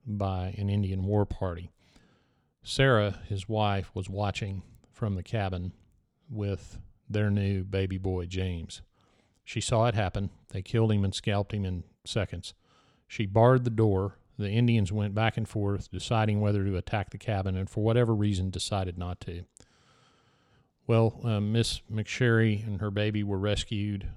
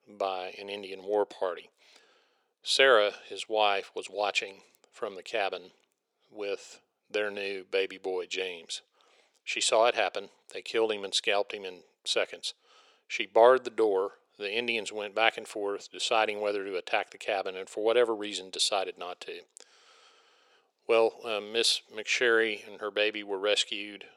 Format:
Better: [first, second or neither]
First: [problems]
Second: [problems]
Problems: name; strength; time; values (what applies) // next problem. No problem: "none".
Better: first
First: none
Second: thin; very; fading below 450 Hz